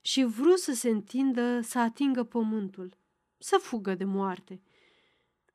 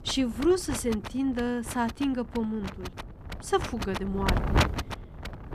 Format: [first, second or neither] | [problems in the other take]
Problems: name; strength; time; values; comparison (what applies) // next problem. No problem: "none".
first | wind noise on the microphone; heavy; 4 dB below the speech